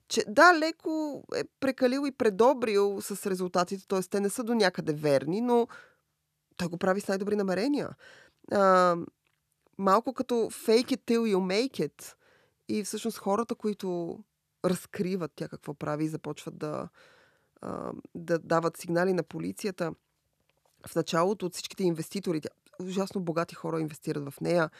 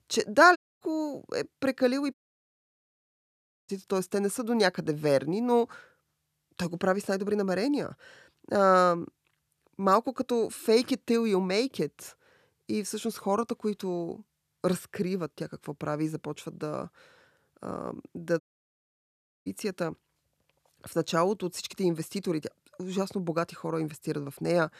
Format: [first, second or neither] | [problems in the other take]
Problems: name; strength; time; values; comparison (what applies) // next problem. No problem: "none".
first | audio cutting out; at 0.5 s, at 2 s for 1.5 s and at 18 s for 1 s